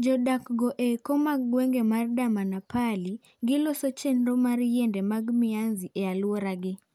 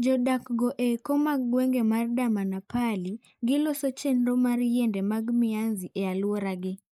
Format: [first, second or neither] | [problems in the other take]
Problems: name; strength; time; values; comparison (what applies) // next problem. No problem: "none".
first | noise reduction (neural mask model Resemble Enhance denoiser)